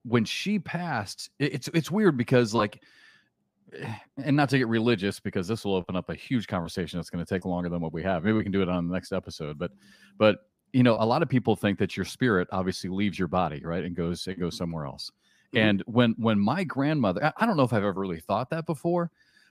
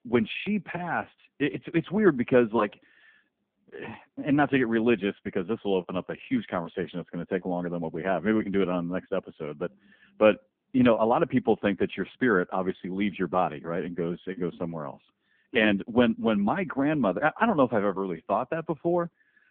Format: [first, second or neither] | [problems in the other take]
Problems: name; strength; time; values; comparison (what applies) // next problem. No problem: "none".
first | phone-call audio; poor line; nothing above 3.5 kHz